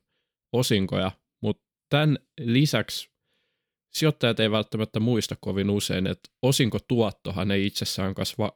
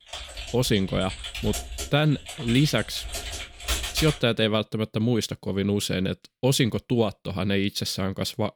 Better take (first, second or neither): first